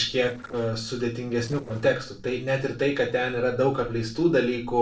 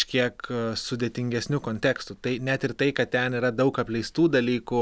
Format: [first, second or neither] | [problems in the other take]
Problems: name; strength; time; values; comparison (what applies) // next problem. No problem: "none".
second | noise reduction (neural separator model SepFormer DNS4)